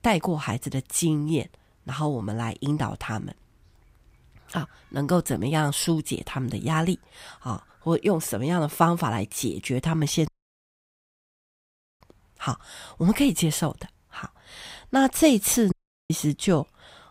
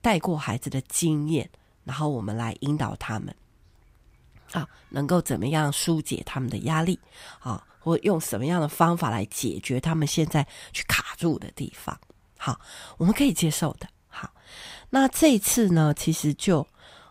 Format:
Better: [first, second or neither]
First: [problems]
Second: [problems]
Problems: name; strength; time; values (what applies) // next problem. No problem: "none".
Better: second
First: audio cutting out; at 10 s for 1.5 s and at 16 s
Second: none